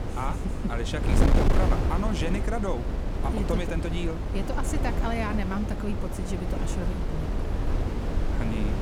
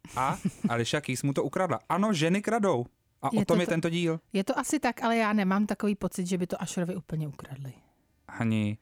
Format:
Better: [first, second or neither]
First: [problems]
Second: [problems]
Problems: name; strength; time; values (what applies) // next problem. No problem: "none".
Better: second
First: wind noise on the microphone; heavy; 1 dB below the speech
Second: none